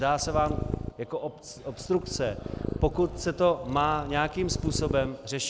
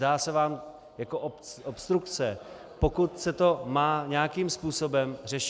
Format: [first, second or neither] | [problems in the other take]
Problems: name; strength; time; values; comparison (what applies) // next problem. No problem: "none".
second | background sound (Purr); 7 dB below the speech